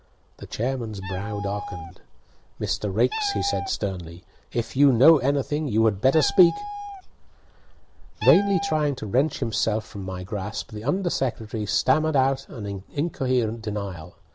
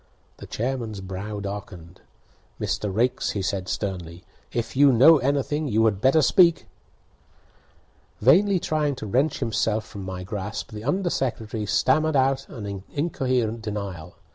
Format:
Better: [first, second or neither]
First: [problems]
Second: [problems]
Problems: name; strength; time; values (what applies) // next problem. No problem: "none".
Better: second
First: background sound (Meow); 10 dB below the speech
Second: none